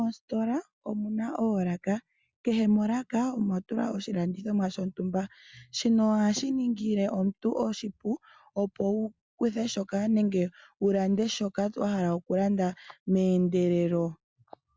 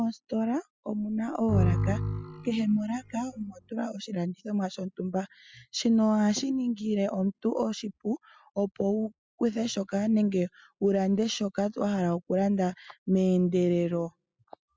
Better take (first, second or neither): first